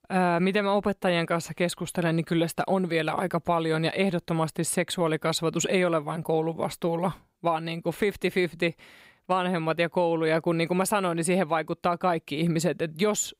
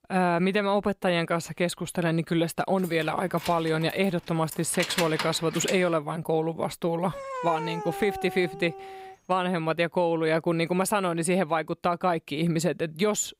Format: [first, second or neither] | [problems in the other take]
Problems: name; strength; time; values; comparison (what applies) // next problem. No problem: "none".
first | jangling keys; noticeable; from 3 to 6 s; peak 3 dB below the speech // dog barking; noticeable; from 7 to 9 s; peak 6 dB below the speech